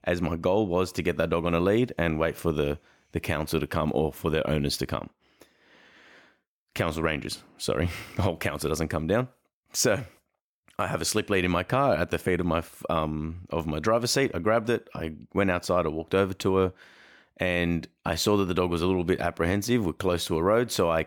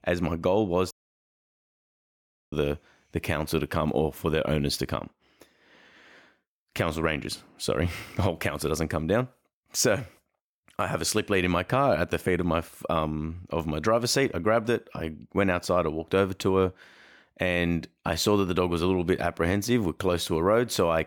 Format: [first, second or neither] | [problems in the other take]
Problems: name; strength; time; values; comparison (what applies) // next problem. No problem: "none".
first | audio cutting out; at 1 s for 1.5 s